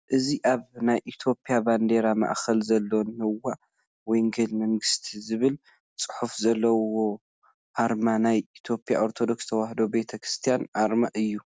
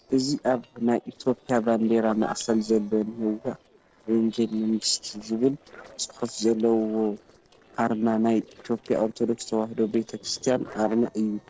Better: first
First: none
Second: noise reduction (neural separator model SepFormer DNS4)

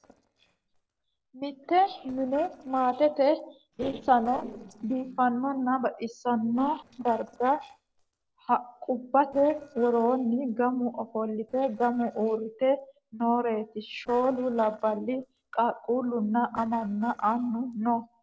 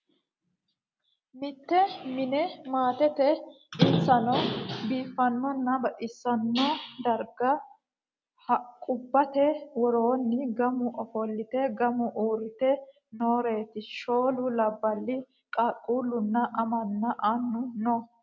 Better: second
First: noise reduction (neural separator model SepFormer DNS4)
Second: none

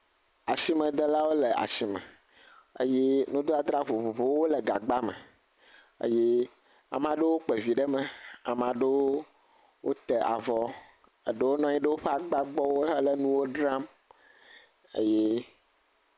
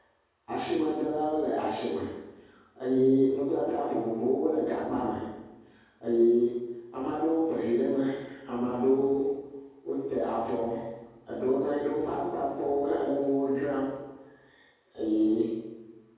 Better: first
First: none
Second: room echo; dies away in 1.3 s

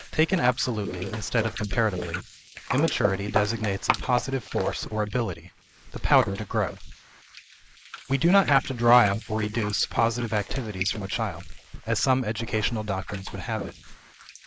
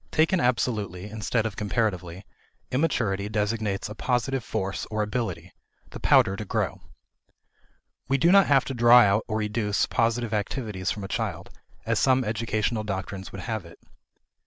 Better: second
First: noise reduction (neural mask model Resemble Enhance denoiser)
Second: none

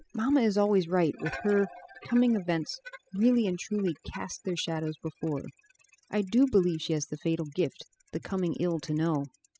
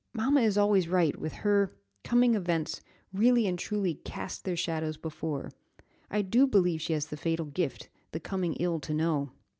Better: second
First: noise reduction (classical method spectral subtraction)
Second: none

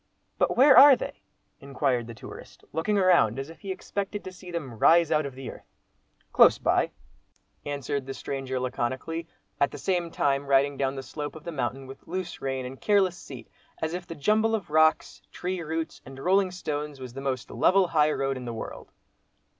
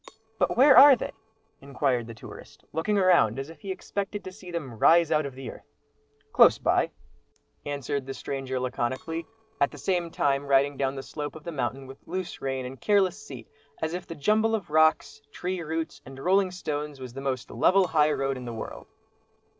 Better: first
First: none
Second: noise reduction (neural separator model SepFormer DNS4)

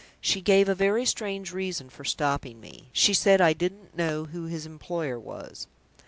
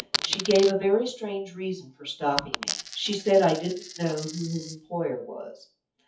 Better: first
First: none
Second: noise reduction (classical method WPE with log-MMSE)

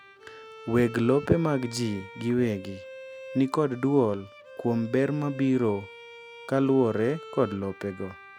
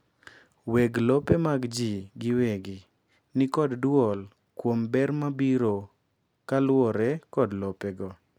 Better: second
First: background sound (Bowed string instrument); 17 dB below the speech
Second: none

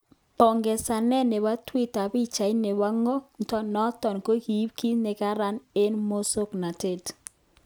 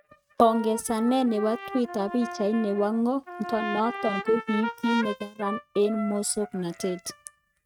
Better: first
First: none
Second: noise reduction (neural mask model RNNoise)

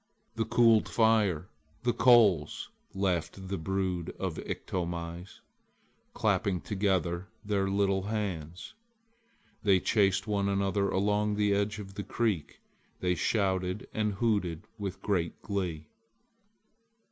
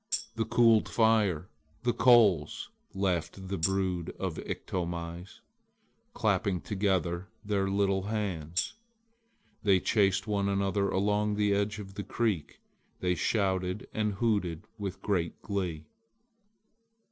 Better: first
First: none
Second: noise reduction (neural separator model SepFormer DNS4)

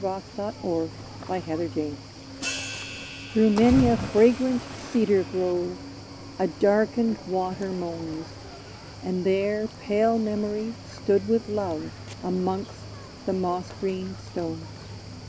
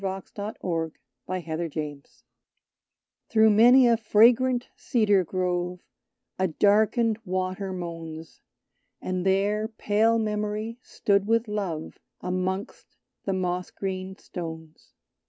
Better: second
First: background sound (Cricket / Waves, surf + Hi-hat); 11 dB below the speech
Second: none

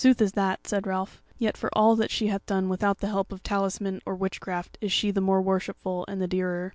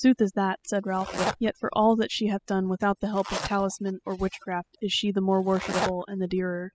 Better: first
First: none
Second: noise reduction (classical method spectral subtraction)

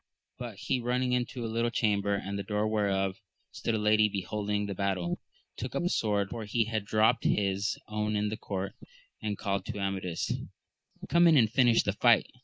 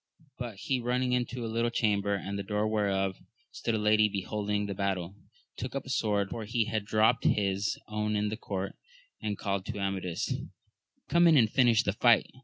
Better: second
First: noise reduction (neural mask model Resemble Enhance denoiser)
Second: none

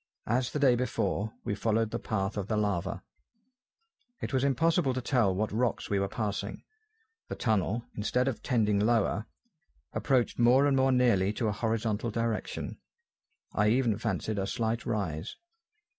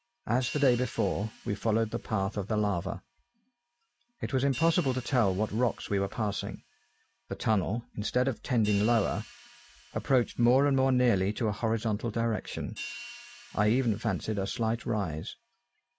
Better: first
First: none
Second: background sound (Hi-hat); 20 dB below the speech

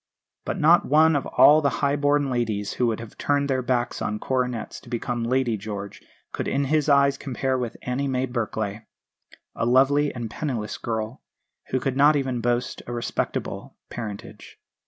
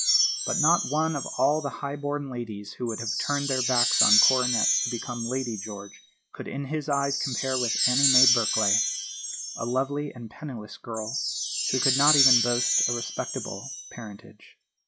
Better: first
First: none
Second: noise reduction (classical method log-MMSE)

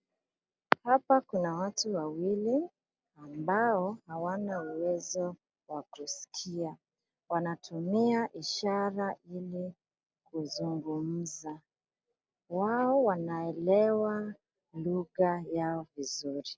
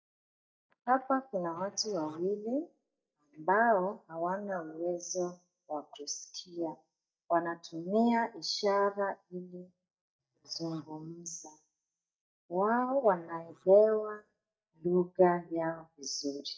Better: first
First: none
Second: noise reduction (neural mask model DeepFilterNet 3)

